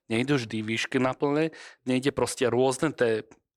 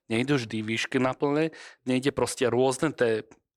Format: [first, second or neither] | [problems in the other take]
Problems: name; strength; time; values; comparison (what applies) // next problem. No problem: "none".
neither | none